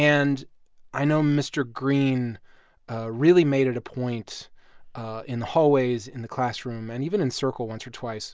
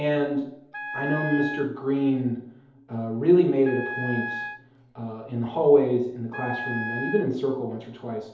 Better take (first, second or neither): first